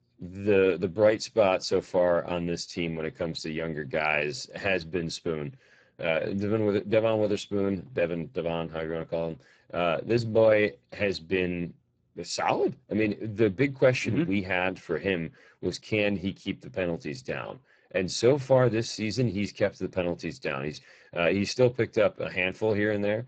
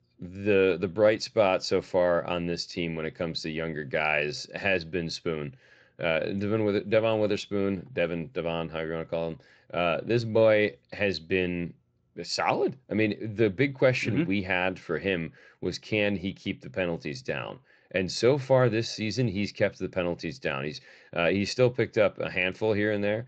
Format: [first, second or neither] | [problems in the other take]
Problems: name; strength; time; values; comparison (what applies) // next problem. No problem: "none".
second | garbled, watery; badly; nothing above 8 kHz; slightly in the second